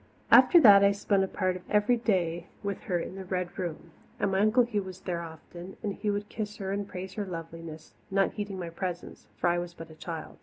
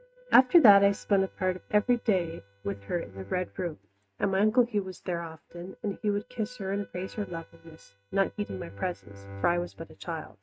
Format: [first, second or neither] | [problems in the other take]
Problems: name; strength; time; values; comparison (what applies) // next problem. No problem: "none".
first | noise reduction (neural mask model RNNoise)